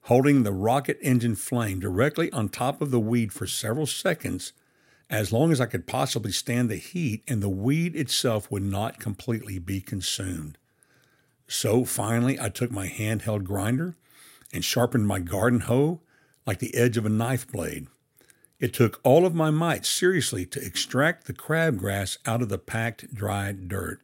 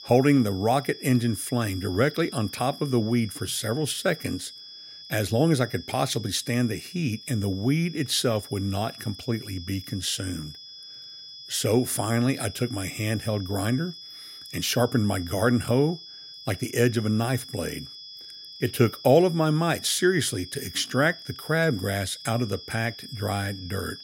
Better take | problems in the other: first | high-pitched whine; noticeable; throughout; 5 kHz, 15 dB below the speech

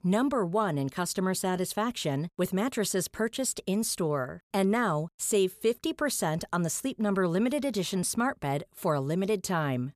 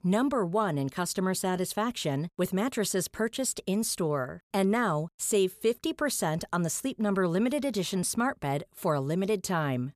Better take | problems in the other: neither | none

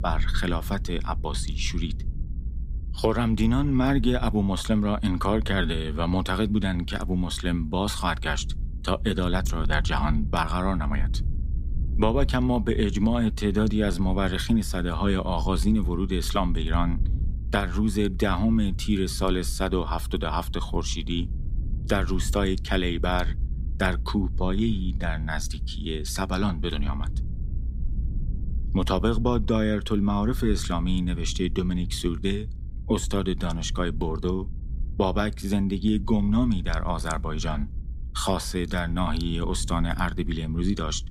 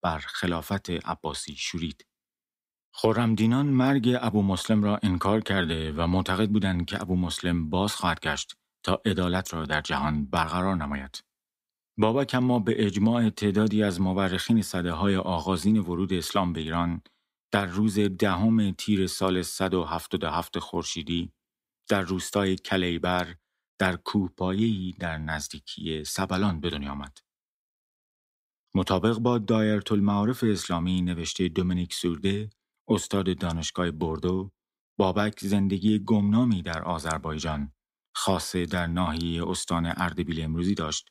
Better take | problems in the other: second | low rumble; faint; throughout; 20 dB below the speech

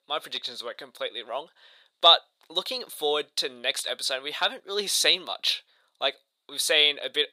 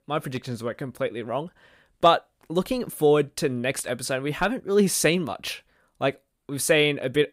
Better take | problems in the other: second | thin; very; fading below 650 Hz

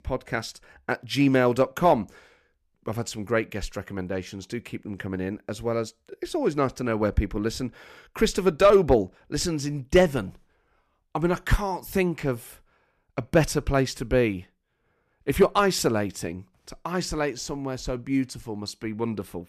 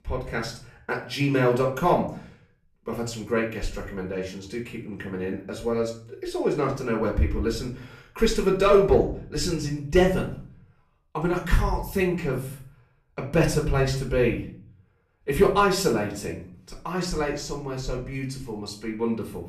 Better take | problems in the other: first | off-mic speech; far // room echo; slight; dies away in 0.4 s

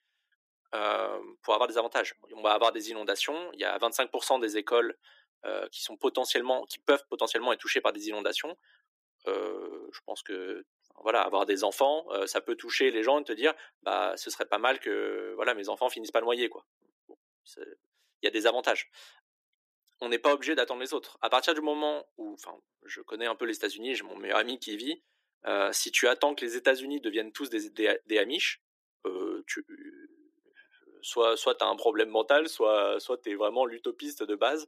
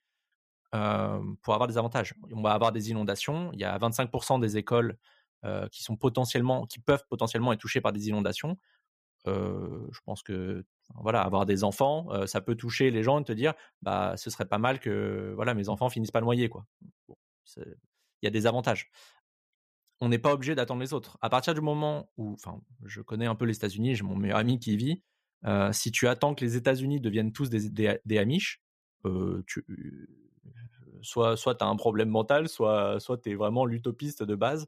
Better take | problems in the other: second | thin; very; fading below 300 Hz

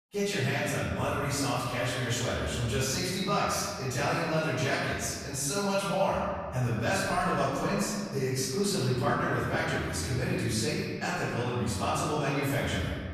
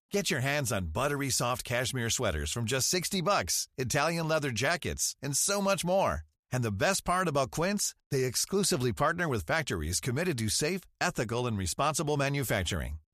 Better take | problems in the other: second | room echo; strong; dies away in 1.6 s // off-mic speech; far

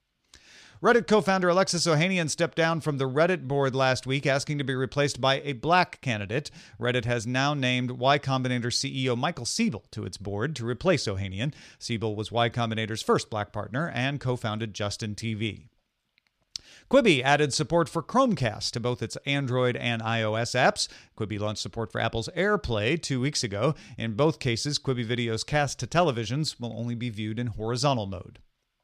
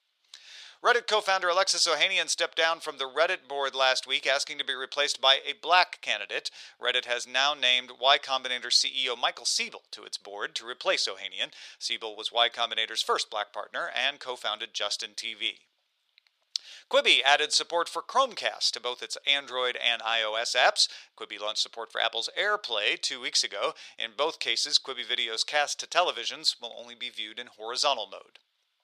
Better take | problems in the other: first | thin; very; fading below 600 Hz

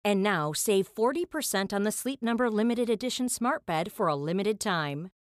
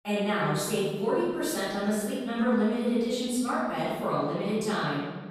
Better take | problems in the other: first | off-mic speech; far // room echo; strong; dies away in 1.4 s

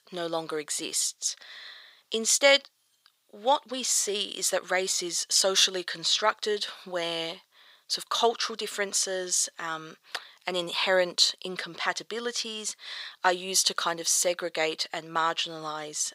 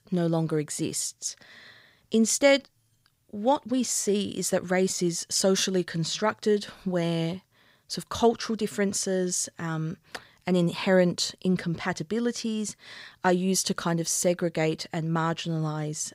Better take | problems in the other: second | thin; very; fading below 600 Hz

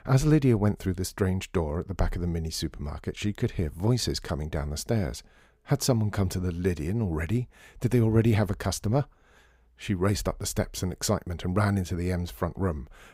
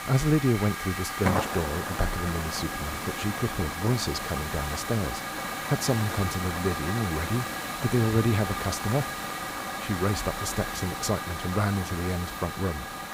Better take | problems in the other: first | hiss; loud; throughout; 3 dB below the speech

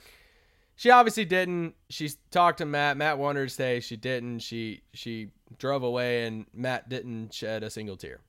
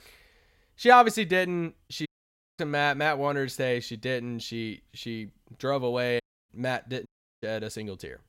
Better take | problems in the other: first | audio cutting out; at 2 s for 0.5 s, at 6 s and at 7 s

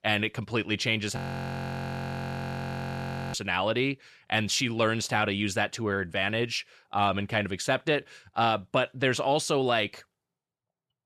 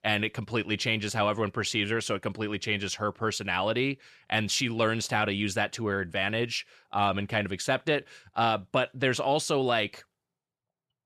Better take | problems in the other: second | audio freezing; at 1 s for 2 s

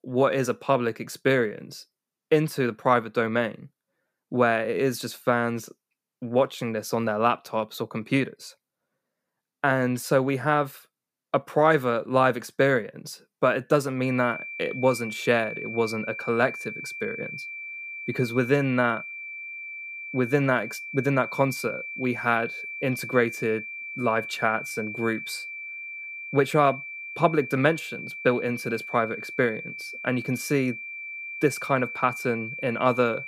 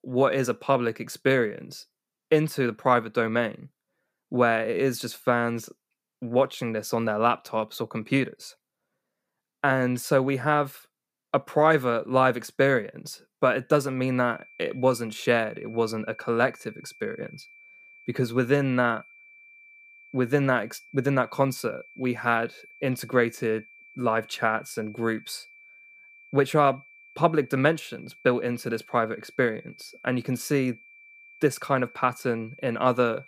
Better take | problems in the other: second | high-pitched whine; loud; from 14 s on; 2.5 kHz, 9 dB below the speech; faint in the second

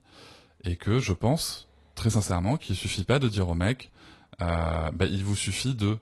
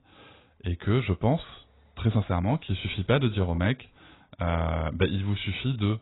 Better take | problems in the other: first | garbled, watery; badly; nothing above 4 kHz; slightly in the first

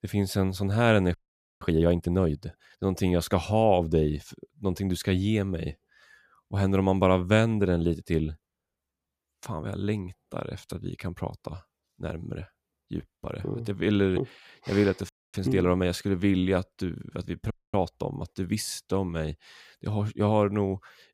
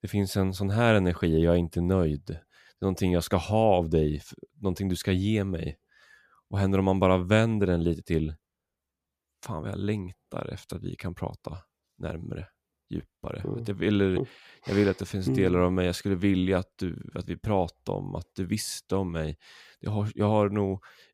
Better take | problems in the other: second | audio freezing; at 1 s, at 15 s and at 18 s

